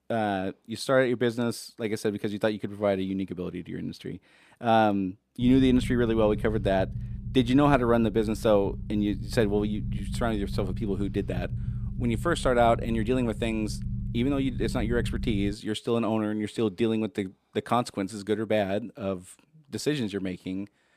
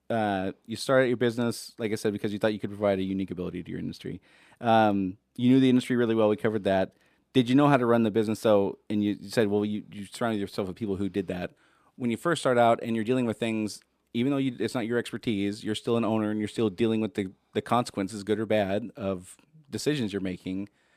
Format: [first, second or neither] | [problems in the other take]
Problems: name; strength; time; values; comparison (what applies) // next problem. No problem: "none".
second | low rumble; noticeable; from 5.5 to 16 s; 20 dB below the speech